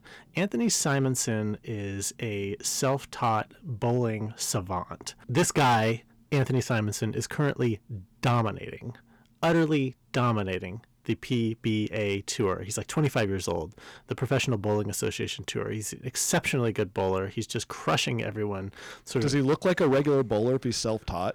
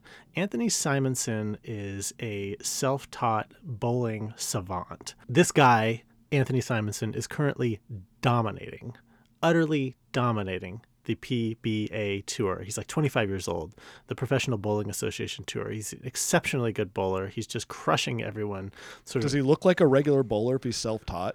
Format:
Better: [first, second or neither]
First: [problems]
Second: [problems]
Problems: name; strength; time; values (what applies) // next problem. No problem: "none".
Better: second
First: distortion; slight; 4% of the sound clipped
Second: none